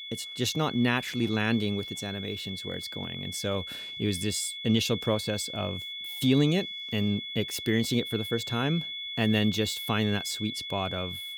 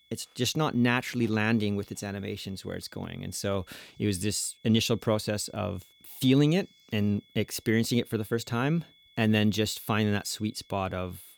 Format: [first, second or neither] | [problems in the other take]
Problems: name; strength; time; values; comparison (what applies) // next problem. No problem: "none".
second | high-pitched whine; loud; throughout; 3.5 kHz, 6 dB below the speech; faint in the second